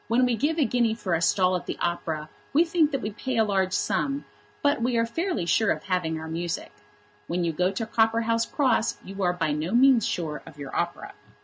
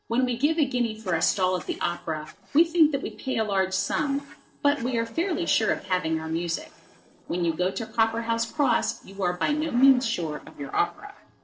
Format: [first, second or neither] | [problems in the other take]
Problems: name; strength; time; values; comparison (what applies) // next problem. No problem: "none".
first | noise reduction (neural separator model SepFormer DNS4)